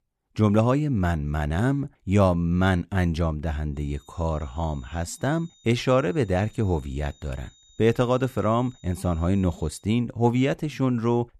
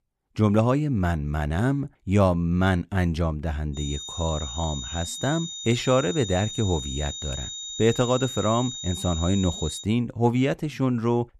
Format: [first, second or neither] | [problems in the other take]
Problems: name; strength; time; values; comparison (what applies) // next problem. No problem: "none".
first | high-pitched whine; loud; from 4 to 10 s; 3.5 kHz, 8 dB below the speech; faint in the first